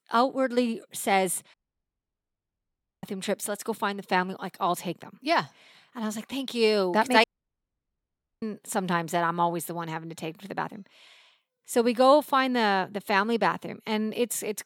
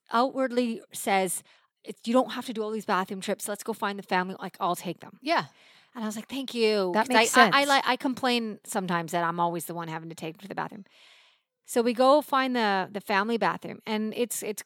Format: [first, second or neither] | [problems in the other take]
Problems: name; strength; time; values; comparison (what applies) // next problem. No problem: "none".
second | audio cutting out; at 1.5 s for 1.5 s and at 7 s for 1 s